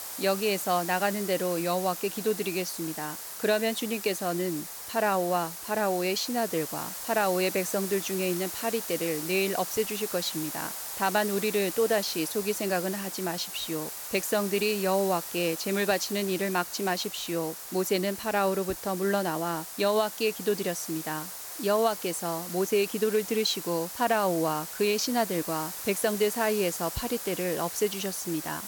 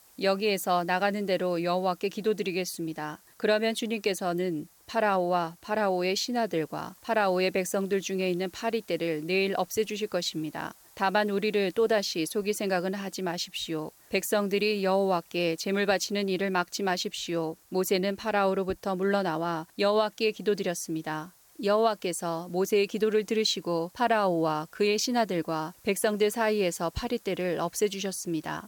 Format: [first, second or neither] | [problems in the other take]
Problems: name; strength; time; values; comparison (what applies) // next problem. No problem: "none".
second | hiss; loud; throughout; 7 dB below the speech; faint in the second